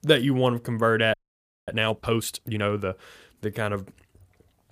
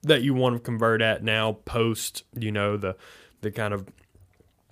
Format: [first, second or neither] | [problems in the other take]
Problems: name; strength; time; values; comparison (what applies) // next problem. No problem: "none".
second | audio freezing; at 1 s for 0.5 s